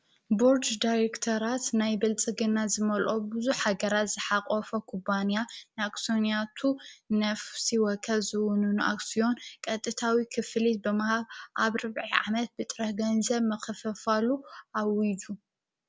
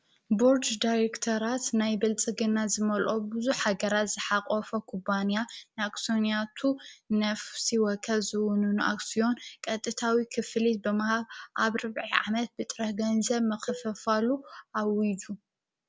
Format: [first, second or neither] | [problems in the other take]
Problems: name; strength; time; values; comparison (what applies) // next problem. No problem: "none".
first | background sound (Cowbell); 15 dB below the speech